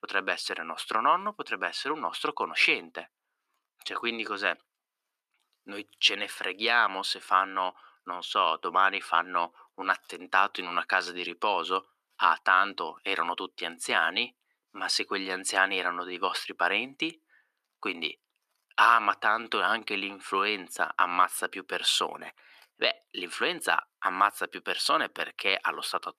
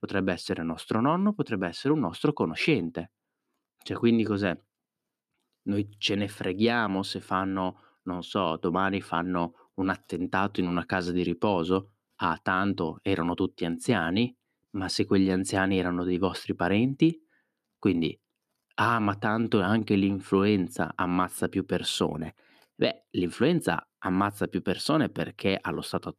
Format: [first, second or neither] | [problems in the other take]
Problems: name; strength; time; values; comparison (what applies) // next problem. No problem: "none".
second | thin; very; fading below 800 Hz